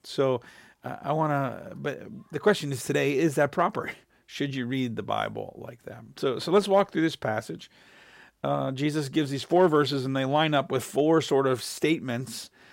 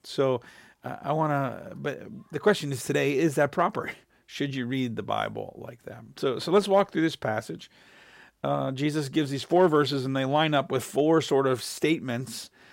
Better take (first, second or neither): neither